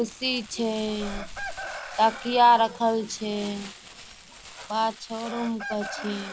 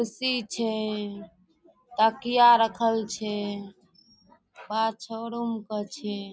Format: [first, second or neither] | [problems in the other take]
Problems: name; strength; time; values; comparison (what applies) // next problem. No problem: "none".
second | background sound (Chicken, rooster + Crumpling, crinkling); 12 dB below the speech